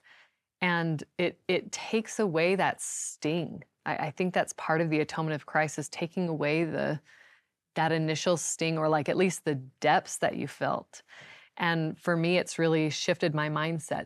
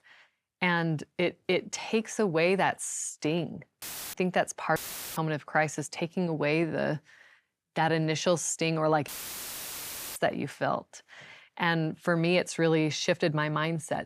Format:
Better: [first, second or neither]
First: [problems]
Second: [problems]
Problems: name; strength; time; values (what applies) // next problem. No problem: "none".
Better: first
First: none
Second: audio cutting out; filled with static; at 4 s, at 5 s and at 9 s for 1 s